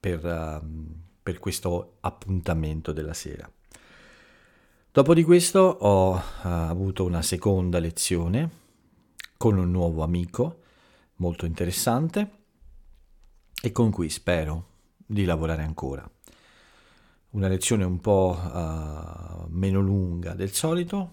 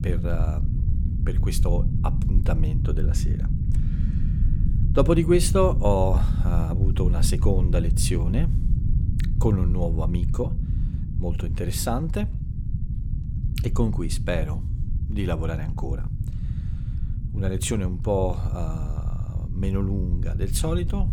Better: first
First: none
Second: low rumble; noticeable; throughout; 10 dB below the speech

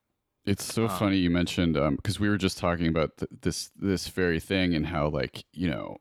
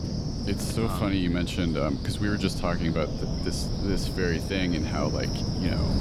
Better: first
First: none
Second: wind noise on the microphone; heavy; 5 dB below the speech

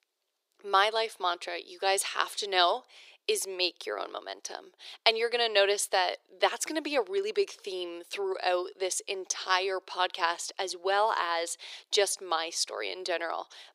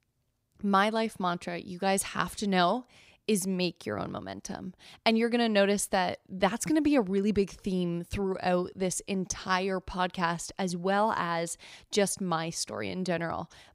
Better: second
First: thin; very; fading below 400 Hz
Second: none

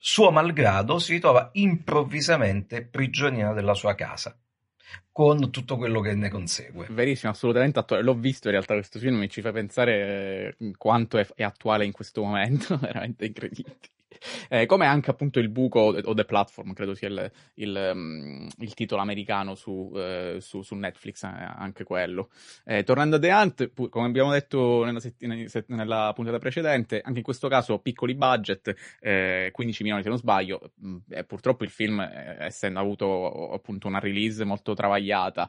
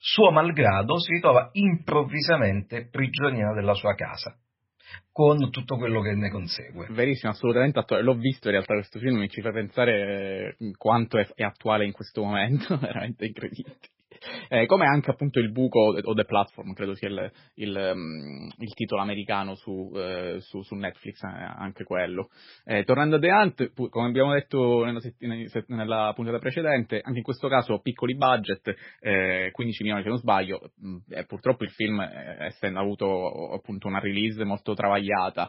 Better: first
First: garbled, watery; slightly; nothing above 10.5 kHz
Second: garbled, watery; badly; nothing above 5.5 kHz

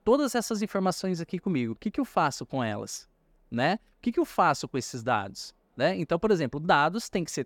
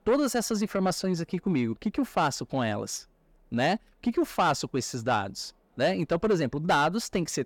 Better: first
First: none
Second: distortion; slight; 10 dB below the speech

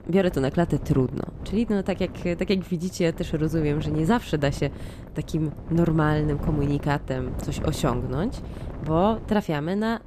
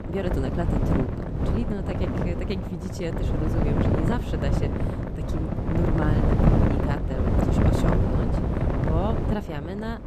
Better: first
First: wind noise on the microphone; occasional gusts; 15 dB below the speech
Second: wind noise on the microphone; heavy; 3 dB above the speech

